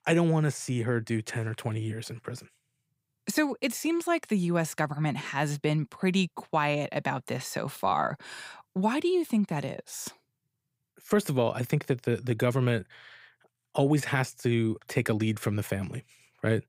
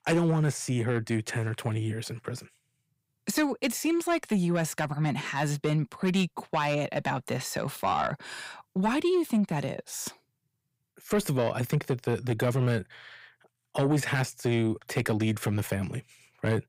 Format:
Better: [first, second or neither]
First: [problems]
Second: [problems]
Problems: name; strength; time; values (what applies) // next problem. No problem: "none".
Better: first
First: none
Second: distortion; slight; 10 dB below the speech